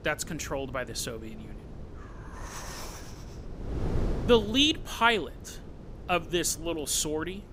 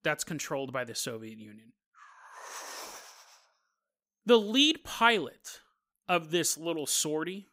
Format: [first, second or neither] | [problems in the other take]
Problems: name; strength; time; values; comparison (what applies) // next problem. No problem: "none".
second | wind noise on the microphone; occasional gusts; 20 dB below the speech